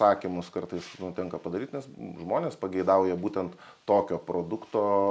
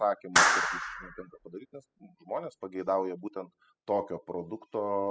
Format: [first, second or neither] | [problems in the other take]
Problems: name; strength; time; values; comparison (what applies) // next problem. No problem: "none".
first | noise reduction (classical method spectral subtraction)